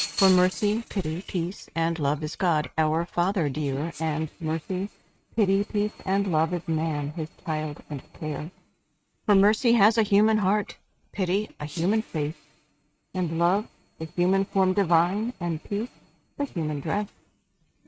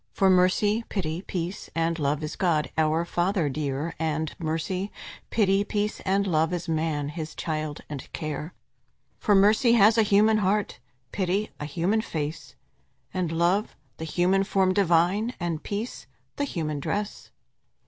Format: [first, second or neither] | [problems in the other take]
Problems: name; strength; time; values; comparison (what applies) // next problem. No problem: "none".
second | noise reduction (neural mask model RNNoise)